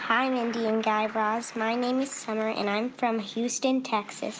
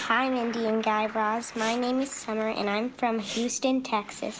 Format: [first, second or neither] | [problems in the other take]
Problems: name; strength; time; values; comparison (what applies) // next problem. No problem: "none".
first | background sound (Respiratory sounds); 18 dB below the speech